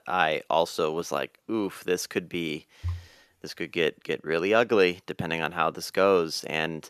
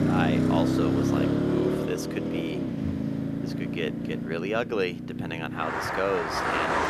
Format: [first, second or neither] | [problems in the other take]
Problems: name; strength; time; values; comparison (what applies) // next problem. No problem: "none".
first | traffic noise; very loud; throughout; 5 dB above the speech